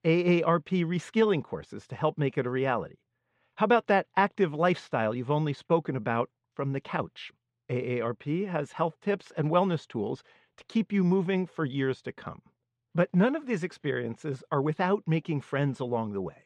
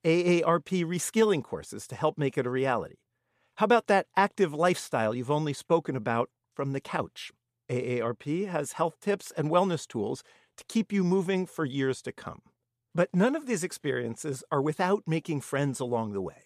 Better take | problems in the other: second | muffled; slightly; fading above 3 kHz

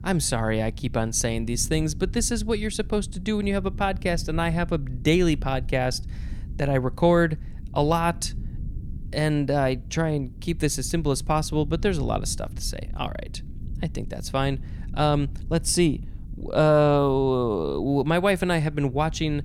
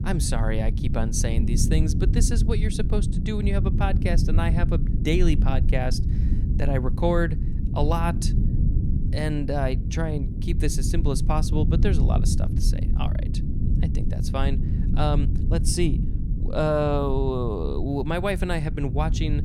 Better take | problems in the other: first | low rumble; loud; throughout; 9 dB below the speech; faint in the first

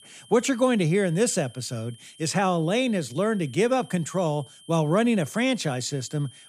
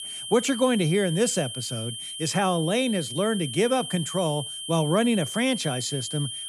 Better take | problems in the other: first | high-pitched whine; loud; throughout; 3 kHz, 7 dB below the speech; faint in the first

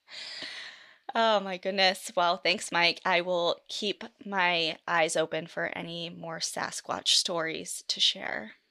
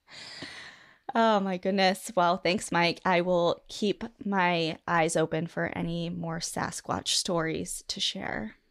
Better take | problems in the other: second | thin; somewhat; fading below 700 Hz

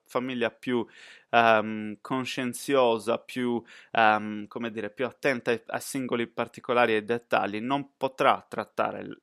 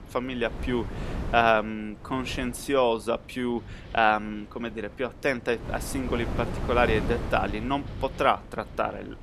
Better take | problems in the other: first | wind noise on the microphone; occasional gusts; 15 dB below the speech

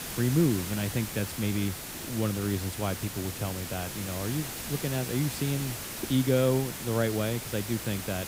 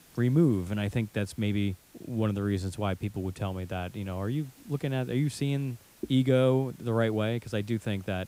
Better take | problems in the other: second | hiss; loud; throughout; 6 dB below the speech; faint in the second

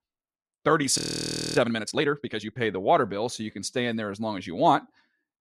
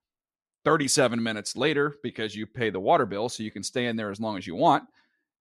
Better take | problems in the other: second | audio freezing; at 1 s for 0.5 s

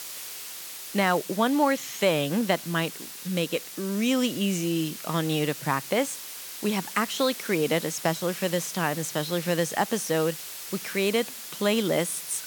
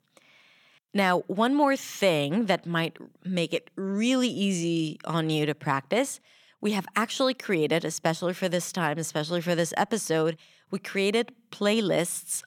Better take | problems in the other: second | hiss; loud; throughout; 10 dB below the speech

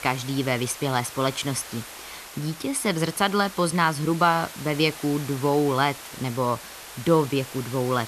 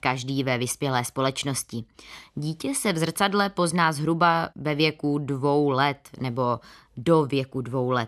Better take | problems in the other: second | hiss; noticeable; throughout; 15 dB below the speech

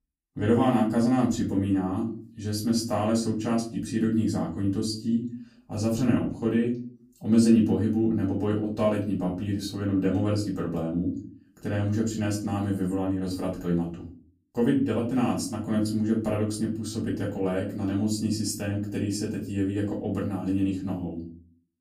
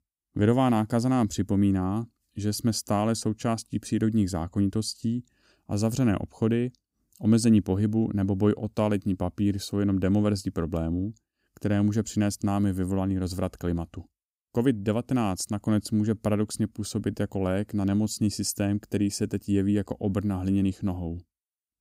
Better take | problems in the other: second | off-mic speech; far // room echo; slight; dies away in 0.4 s

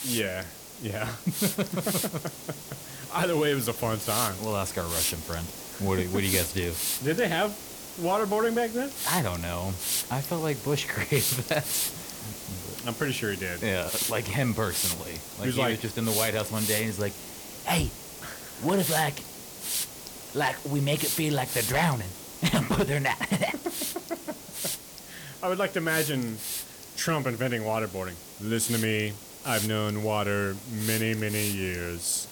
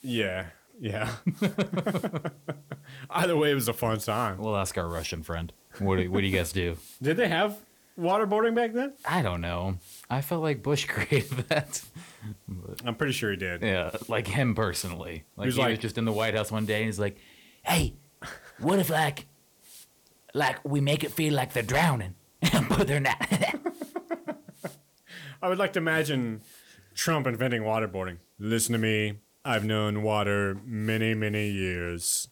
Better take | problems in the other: second | hiss; loud; throughout; 4 dB below the speech; faint in the second

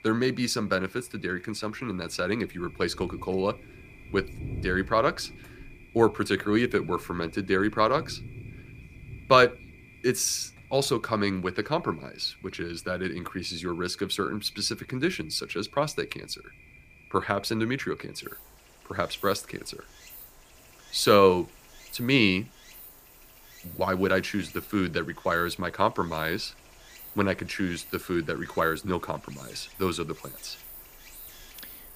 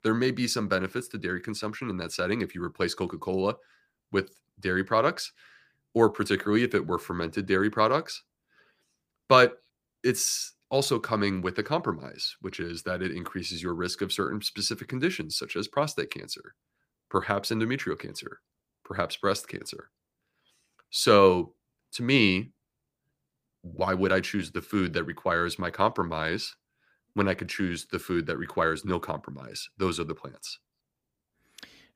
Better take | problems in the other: second | rain or running water; noticeable; throughout; 20 dB below the speech

